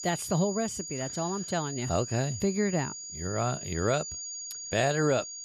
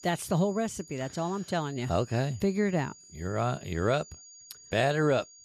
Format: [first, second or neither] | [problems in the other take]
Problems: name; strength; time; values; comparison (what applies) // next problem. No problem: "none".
second | high-pitched whine; loud; throughout; 7 kHz, 7 dB below the speech; faint in the second